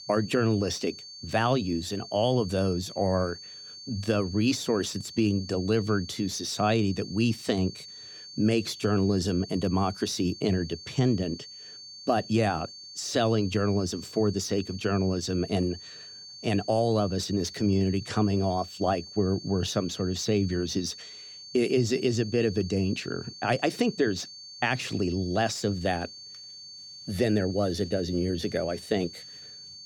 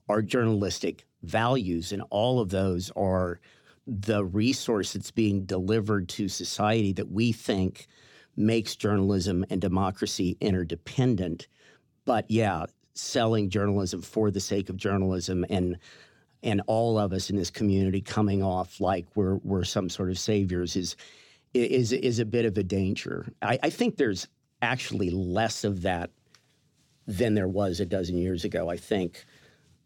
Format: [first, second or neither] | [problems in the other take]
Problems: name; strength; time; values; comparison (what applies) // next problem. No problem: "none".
second | high-pitched whine; noticeable; throughout; 4.5 kHz, 15 dB below the speech